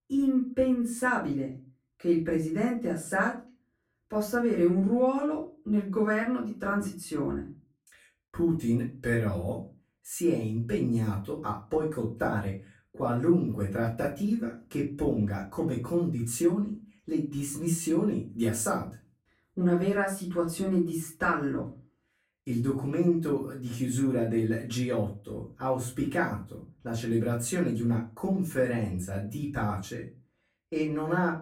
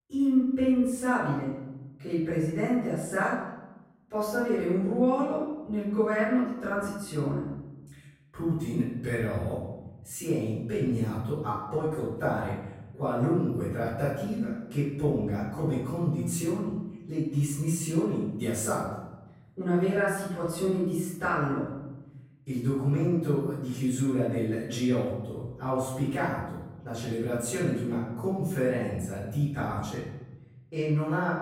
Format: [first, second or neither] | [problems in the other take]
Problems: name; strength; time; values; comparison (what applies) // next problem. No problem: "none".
first | room echo; strong; dies away in 1.1 s; slight in the first // off-mic speech; far; far in the first